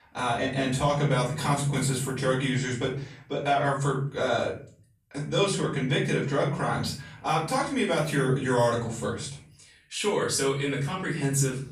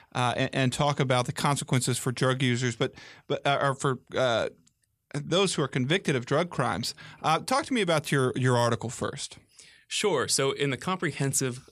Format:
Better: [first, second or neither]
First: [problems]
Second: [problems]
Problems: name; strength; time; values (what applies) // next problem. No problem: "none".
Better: second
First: off-mic speech; far // room echo; slight; dies away in 0.5 s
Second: none